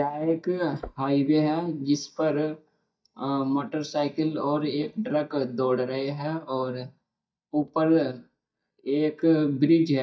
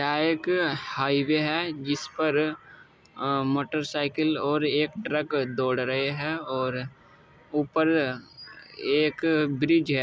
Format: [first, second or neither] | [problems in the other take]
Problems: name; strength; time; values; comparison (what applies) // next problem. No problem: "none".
second | noise reduction (neural mask model DeepFilterNet 3)